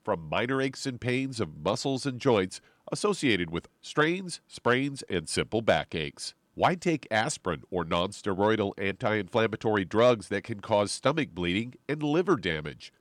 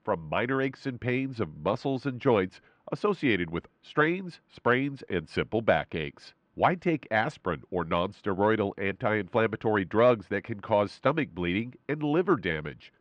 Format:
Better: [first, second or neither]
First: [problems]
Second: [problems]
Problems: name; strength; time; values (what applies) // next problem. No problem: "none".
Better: first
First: none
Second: muffled; slightly; fading above 2 kHz